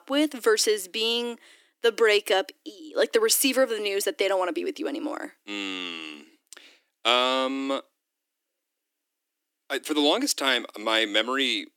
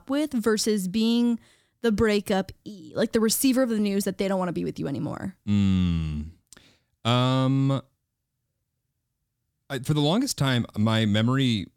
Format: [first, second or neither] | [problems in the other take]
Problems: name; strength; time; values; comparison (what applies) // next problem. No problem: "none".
second | thin; somewhat; fading below 300 Hz